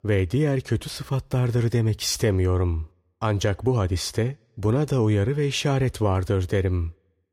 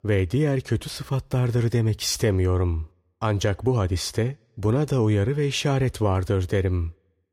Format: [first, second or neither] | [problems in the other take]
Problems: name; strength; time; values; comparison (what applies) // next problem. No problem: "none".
neither | none